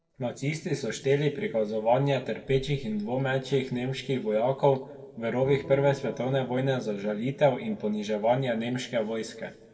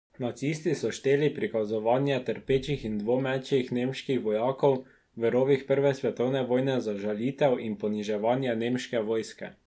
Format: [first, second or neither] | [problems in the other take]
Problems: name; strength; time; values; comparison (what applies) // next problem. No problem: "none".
second | noise reduction (neural separator model SepFormer DNS4)